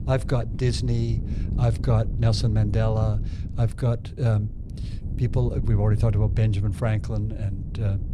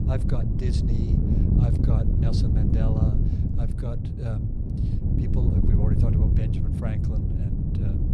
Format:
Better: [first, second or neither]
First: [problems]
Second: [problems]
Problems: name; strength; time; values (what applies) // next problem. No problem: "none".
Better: first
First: wind noise on the microphone; occasional gusts; 10 dB below the speech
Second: wind noise on the microphone; heavy; 4 dB above the speech